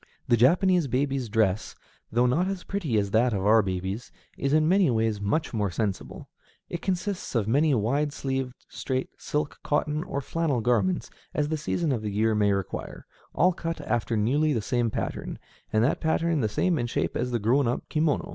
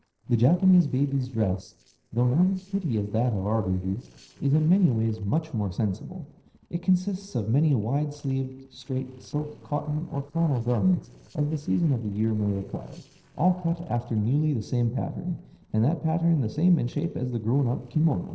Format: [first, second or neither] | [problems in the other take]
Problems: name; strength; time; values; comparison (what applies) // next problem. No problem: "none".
first | noise reduction (neural separator model SepFormer DNS4)